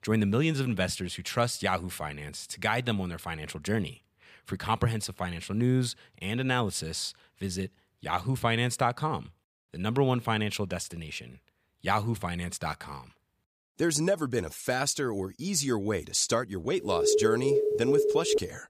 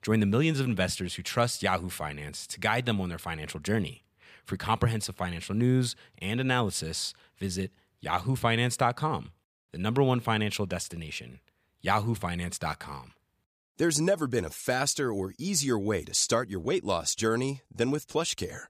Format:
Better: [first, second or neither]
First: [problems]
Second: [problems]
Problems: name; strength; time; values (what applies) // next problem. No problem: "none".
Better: second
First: alarm; loud; from 17 s on; peak 4 dB above the speech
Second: none